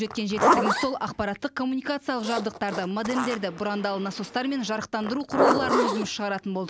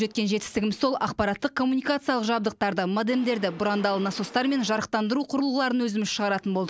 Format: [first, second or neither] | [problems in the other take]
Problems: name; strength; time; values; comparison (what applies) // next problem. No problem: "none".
second | background sound (Zipper (clothing)); as loud as the speech